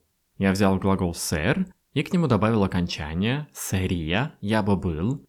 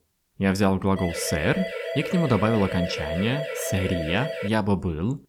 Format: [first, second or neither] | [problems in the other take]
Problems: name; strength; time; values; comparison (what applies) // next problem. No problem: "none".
first | siren; noticeable; from 1 to 4.5 s; peak 5 dB below the speech